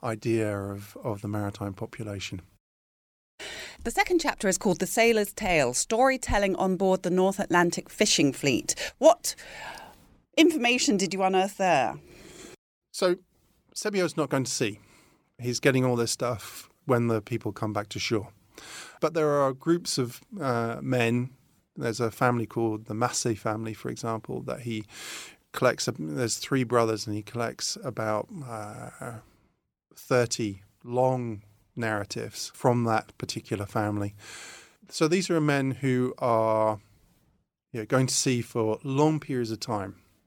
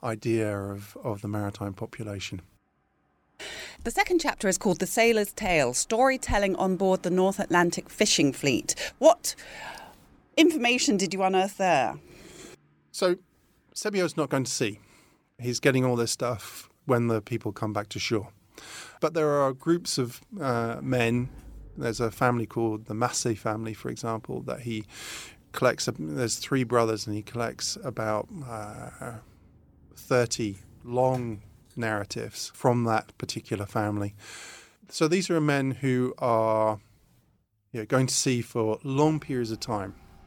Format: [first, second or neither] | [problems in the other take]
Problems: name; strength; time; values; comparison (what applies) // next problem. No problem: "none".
first | traffic noise; faint; throughout; 30 dB below the speech